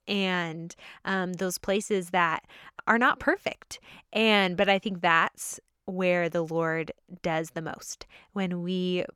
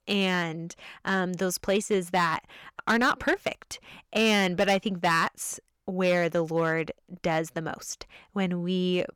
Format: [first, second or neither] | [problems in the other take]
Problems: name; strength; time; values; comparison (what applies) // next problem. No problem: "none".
first | distortion; slight; 3% of the sound clipped